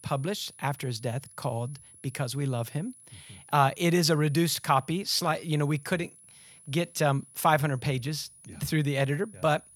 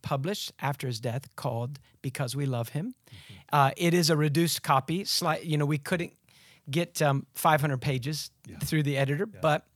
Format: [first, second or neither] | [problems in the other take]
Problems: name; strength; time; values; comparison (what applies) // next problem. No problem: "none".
second | high-pitched whine; faint; throughout; 10.5 kHz, 25 dB below the speech